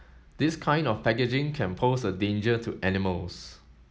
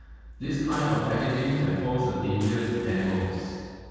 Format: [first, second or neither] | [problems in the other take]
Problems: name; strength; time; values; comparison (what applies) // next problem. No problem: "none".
first | noise reduction (neural separator model SepFormer DNS4)